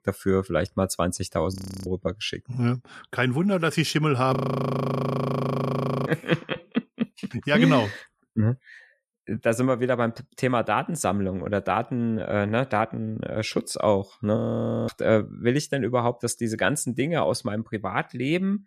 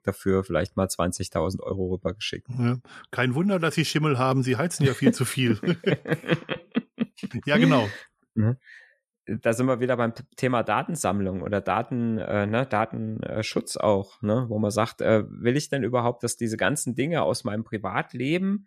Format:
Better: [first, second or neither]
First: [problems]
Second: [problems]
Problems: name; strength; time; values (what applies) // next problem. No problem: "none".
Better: second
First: audio freezing; at 1.5 s, at 4.5 s for 1.5 s and at 14 s for 0.5 s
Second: none